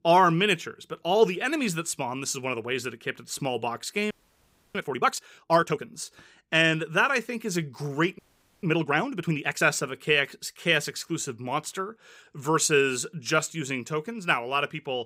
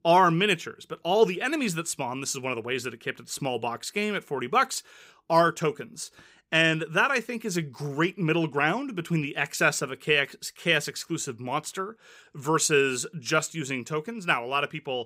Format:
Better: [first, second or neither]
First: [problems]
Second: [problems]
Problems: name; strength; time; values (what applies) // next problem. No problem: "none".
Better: second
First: audio freezing; at 4 s for 0.5 s and at 8 s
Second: none